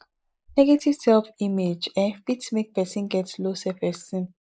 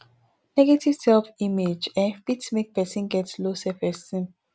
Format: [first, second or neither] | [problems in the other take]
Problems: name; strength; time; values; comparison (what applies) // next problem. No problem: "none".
second | noise reduction (neural mask model Resemble Enhance denoiser)